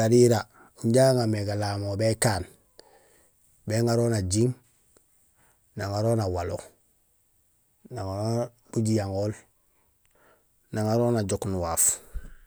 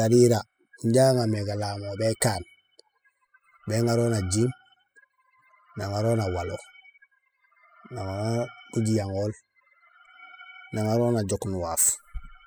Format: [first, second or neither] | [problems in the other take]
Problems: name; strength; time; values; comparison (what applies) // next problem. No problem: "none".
first | noise reduction (classical method spectral subtraction)